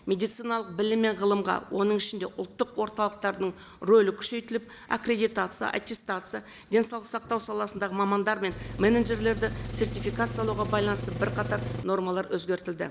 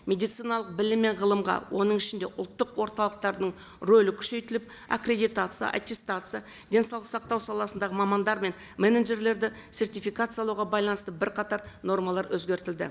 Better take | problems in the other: second | background sound (Engine); 6 dB below the speech

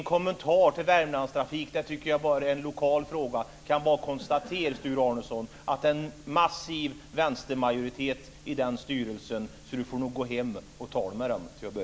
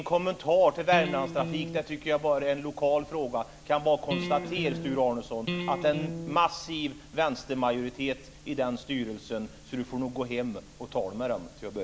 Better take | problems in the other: first | background sound (Electric guitar); 5 dB below the speech

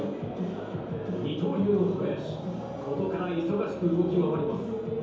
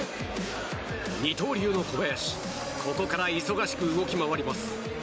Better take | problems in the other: second | room echo; dies away in 0.9 s

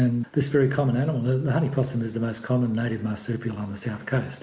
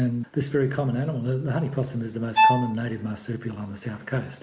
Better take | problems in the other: first | background sound (Bowed string instrument); 3 dB above the speech

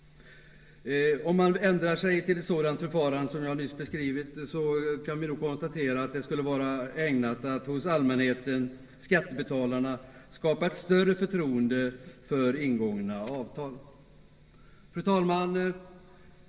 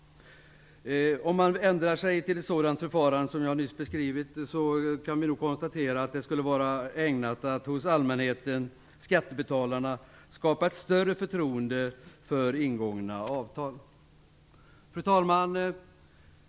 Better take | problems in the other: second | room echo; dies away in 1.8 s

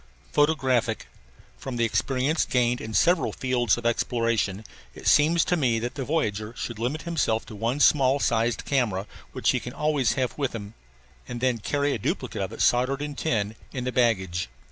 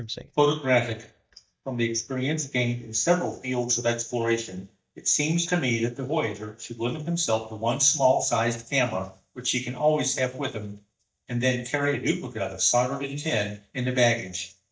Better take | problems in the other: first | noise reduction (neural mask model DeepFilterNet 3)

